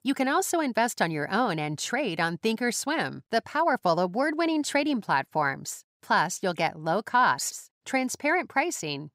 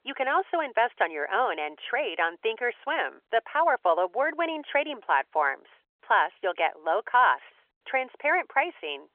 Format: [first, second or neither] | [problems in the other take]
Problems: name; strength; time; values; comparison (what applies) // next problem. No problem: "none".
first | phone-call audio; nothing above 3 kHz